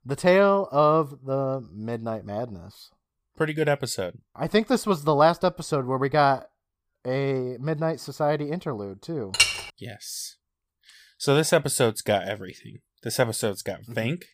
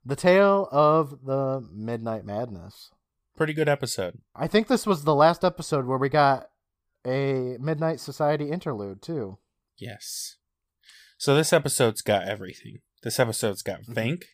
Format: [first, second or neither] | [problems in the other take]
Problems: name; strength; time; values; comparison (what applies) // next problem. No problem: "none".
second | clattering dishes; loud; at 9.5 s; peak 4 dB above the speech